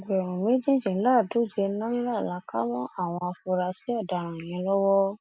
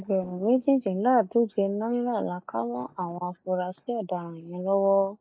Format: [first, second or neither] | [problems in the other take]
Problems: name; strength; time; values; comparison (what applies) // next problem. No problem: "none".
first | noise reduction (neural mask model DeepFilterNet 3)